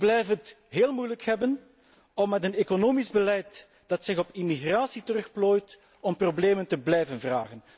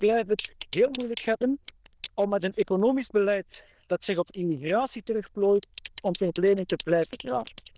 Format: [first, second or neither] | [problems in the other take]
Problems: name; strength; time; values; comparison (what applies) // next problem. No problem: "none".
first | noise reduction (neural diffusion model UNIVERSE++)